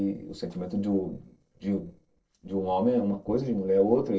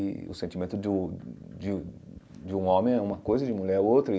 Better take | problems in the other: second | noise reduction (neural separator model SepFormer DNS4)

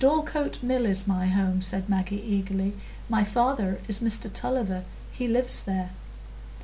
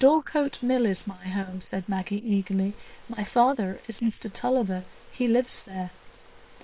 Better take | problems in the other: first | noise reduction (neural separator model SepFormer WHAM!)

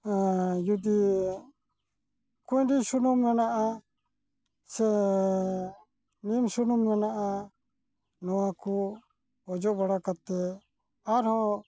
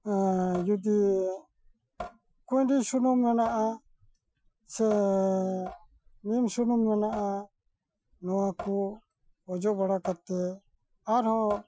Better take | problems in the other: first | noise reduction (classical method Wiener filter)

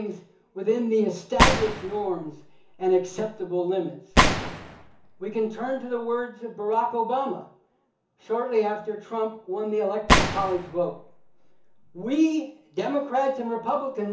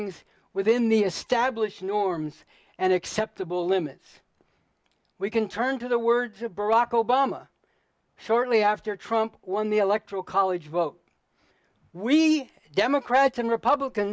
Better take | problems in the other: second | background sound (Gunshot, gunfire); 1 dB above the speech // room echo; dies away in 0.7 s

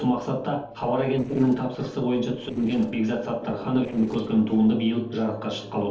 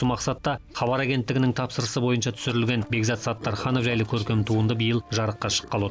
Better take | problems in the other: second | noise reduction (neural separator model SepFormer DNS4)

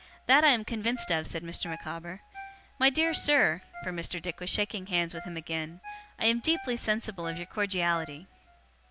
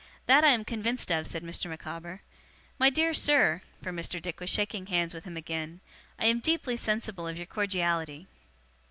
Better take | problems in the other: second | background sound (Ringtone); 17 dB below the speech

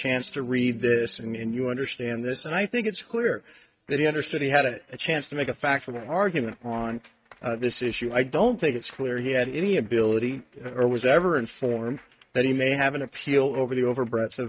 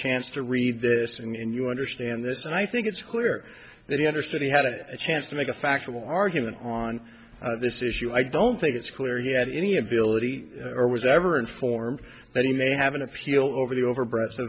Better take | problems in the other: second | noise reduction (neural mask model RNNoise)

